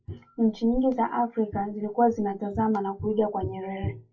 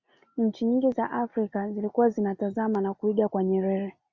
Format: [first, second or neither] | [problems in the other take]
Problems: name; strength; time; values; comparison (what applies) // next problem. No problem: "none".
second | noise reduction (classical method WPE with log-MMSE)